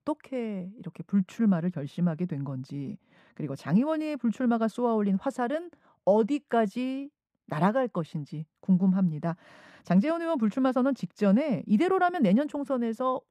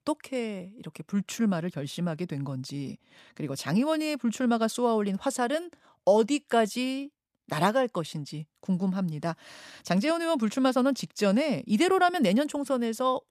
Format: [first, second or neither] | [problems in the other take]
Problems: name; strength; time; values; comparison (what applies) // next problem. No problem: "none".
second | muffled; slightly; fading above 2.5 kHz